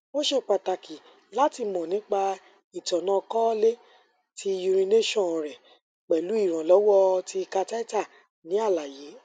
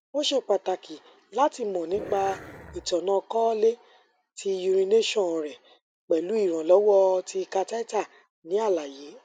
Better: first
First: none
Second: background sound (Growling); 14 dB below the speech

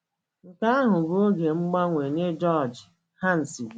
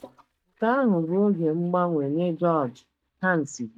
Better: first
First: none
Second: noise reduction (neural mask model DeepFilterNet 3)

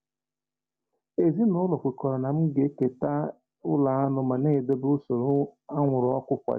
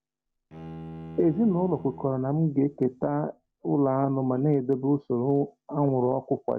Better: first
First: none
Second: background sound (Bowed string instrument); 17 dB below the speech

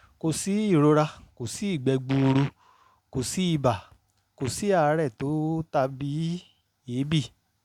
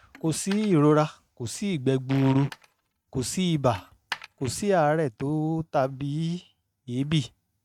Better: first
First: none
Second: noise reduction (neural mask model RNNoise)

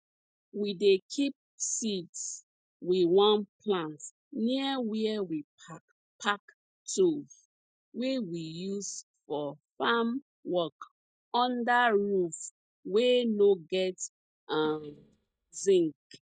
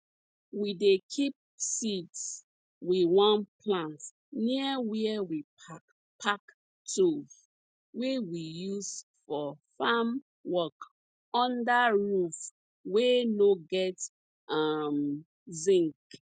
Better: second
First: noise reduction (neural mask model DeepFilterNet 3)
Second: none

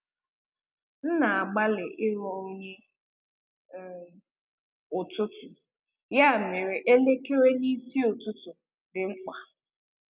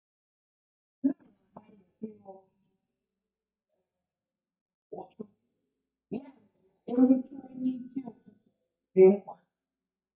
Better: first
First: none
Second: noise reduction (neural mask model DeepFilterNet 3)

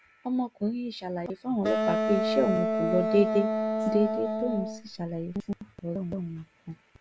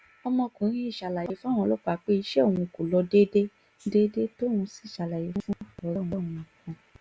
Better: second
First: background sound (Wind instrument, woodwind instrument); 1 dB above the speech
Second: none

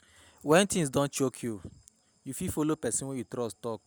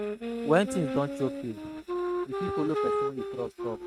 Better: first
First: none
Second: noise reduction (neural mask model RNNoise)

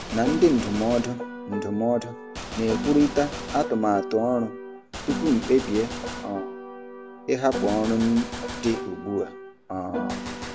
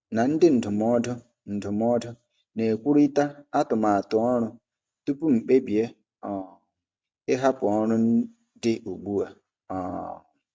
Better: second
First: background sound (Gunshot, gunfire + Piano); 8 dB below the speech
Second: none

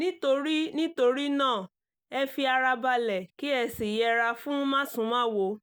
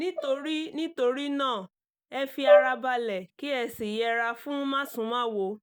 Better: first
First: none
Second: noise reduction (neural mask model DeepFilterNet 3)

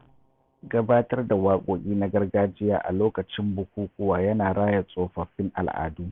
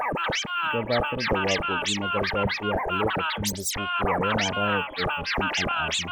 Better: first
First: none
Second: noise reduction (classical method log-MMSE)

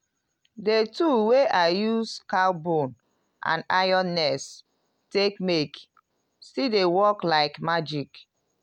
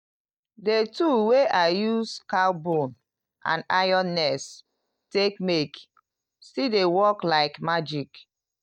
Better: first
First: none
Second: noise reduction (neural mask model DeepFilterNet 3)

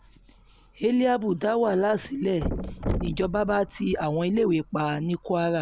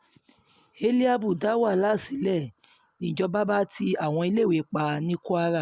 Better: second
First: background sound (Thump, thud); 11 dB below the speech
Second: none

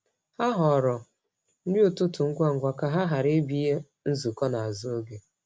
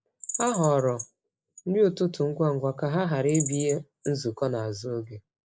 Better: first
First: none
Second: noise reduction (neural mask model Resemble Enhance denoiser)

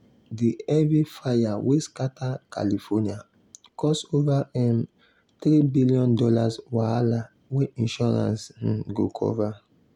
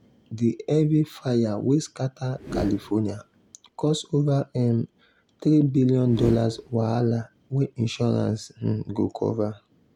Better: first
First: none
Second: background sound (Whoosh, swoosh, swish); 11 dB below the speech

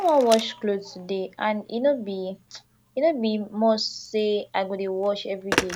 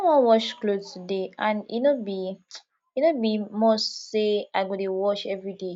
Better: second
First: background sound (Telephone); 12 dB below the speech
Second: none

